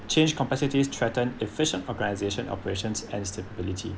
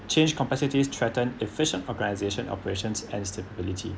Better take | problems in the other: second | background sound (Boiling); 20 dB below the speech

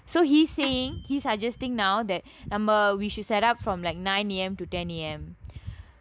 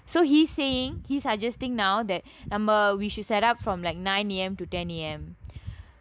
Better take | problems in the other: second | background sound (Microwave oven / Bell); 15 dB below the speech

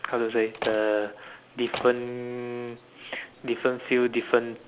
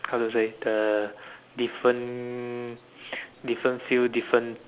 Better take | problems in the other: second | background sound (Slam); 13 dB below the speech

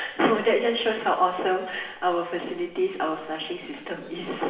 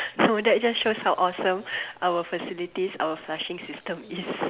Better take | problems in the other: second | room echo; dies away in 0.9 s

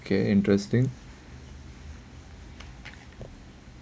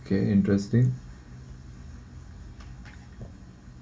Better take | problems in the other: first | room echo; dies away in 0.2 s

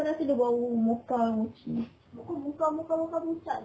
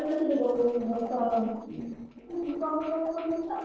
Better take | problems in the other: first | noise reduction (neural separator model SepFormer DNS4)

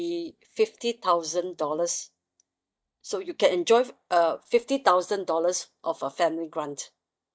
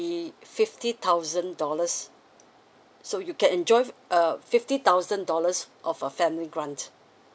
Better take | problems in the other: second | noise reduction (neural mask model DeepFilterNet 3)

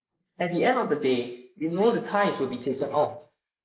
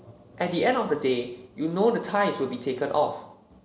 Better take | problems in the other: second | noise reduction (neural mask model Resemble Enhance denoiser)

